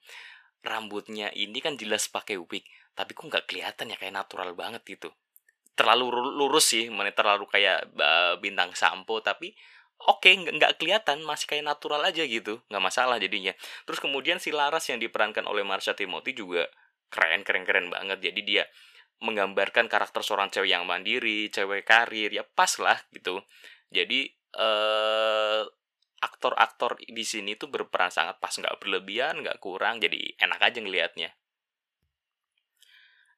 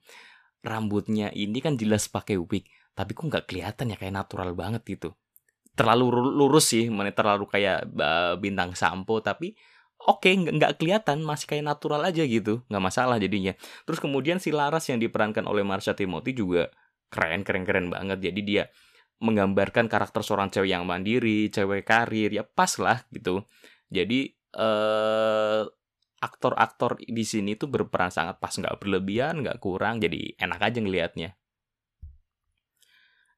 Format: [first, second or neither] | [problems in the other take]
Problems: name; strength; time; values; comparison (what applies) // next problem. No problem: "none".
second | thin; very; fading below 550 Hz